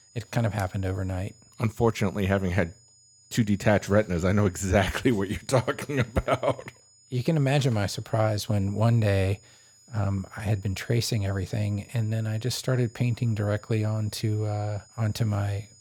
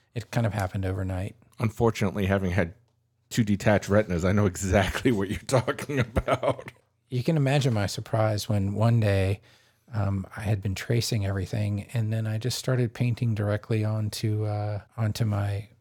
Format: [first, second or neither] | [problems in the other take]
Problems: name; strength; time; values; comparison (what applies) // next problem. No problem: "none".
second | high-pitched whine; faint; throughout; 7 kHz, 25 dB below the speech